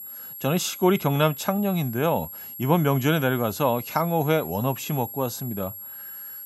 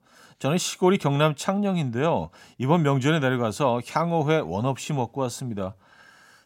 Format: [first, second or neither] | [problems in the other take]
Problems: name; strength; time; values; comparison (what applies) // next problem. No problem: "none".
second | high-pitched whine; noticeable; throughout; 11.5 kHz, 10 dB below the speech